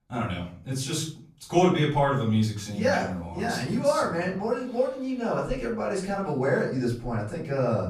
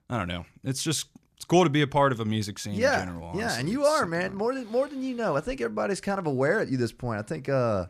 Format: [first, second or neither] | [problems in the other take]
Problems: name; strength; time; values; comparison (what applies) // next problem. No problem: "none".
second | off-mic speech; far // room echo; slight; dies away in 0.4 s